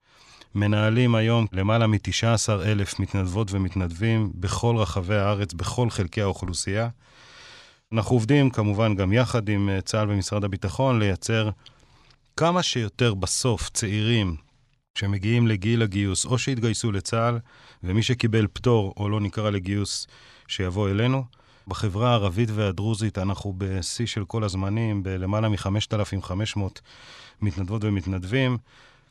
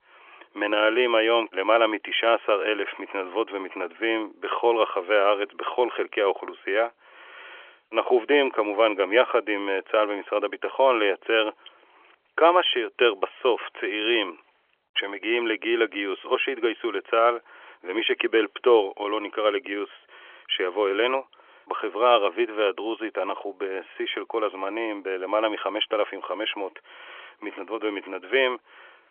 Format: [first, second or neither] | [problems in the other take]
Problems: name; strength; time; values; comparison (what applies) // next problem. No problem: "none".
first | phone-call audio; nothing above 3.5 kHz